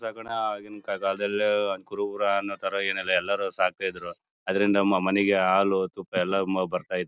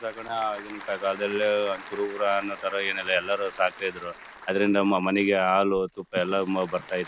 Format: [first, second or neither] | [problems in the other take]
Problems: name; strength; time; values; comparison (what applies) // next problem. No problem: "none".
first | background sound (Applause / Crowd); 17 dB below the speech